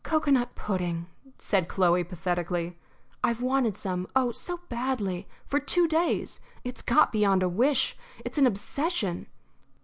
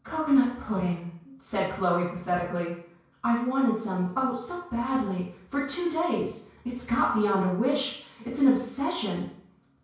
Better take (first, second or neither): first